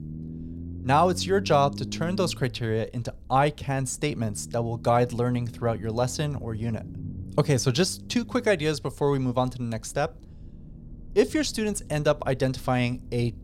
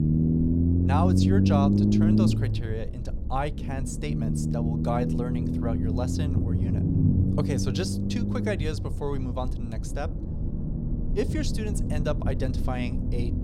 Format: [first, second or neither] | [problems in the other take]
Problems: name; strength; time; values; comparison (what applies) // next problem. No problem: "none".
first | low rumble; loud; throughout; as loud as the speech; faint in the first